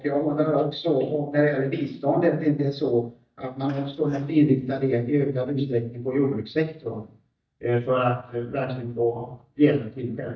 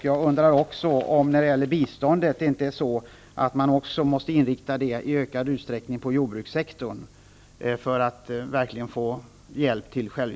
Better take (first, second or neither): second